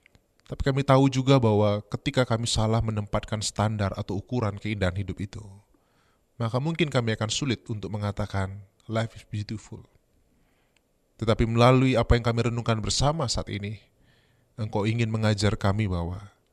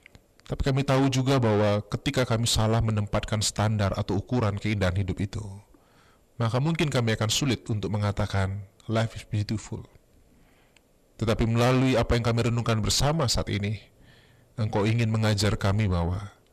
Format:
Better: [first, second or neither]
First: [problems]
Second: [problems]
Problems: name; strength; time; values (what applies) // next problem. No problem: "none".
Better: first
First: none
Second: distortion; heavy; 6 dB below the speech